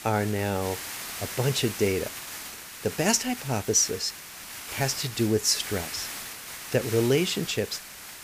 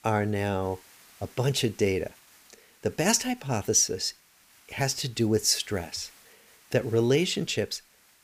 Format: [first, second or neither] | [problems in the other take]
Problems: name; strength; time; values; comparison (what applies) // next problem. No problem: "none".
second | hiss; loud; throughout; 9 dB below the speech; faint in the second